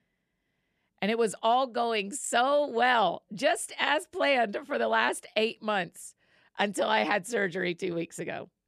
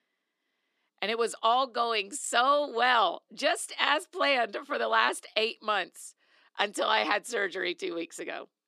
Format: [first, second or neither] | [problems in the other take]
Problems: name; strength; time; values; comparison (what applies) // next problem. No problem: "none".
first | thin; very slightly; fading below 300 Hz